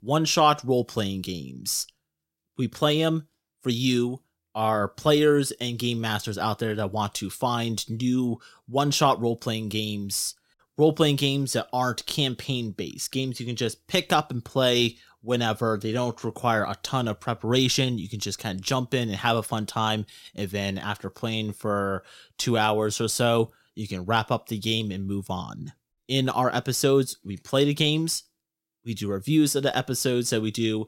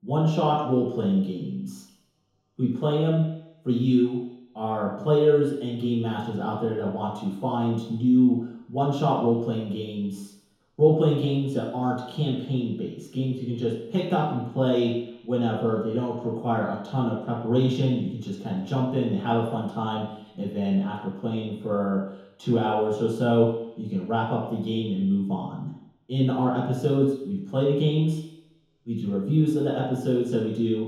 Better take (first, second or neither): first